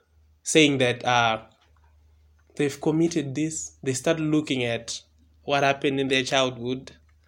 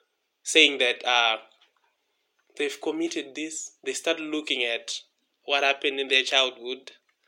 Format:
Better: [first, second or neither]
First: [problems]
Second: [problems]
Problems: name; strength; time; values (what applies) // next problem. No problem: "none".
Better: first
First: none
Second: thin; somewhat; fading below 350 Hz